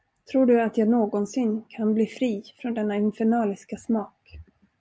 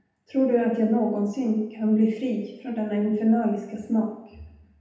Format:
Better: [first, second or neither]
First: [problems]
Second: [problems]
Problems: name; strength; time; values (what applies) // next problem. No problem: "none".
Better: first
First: none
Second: room echo; dies away in 0.8 s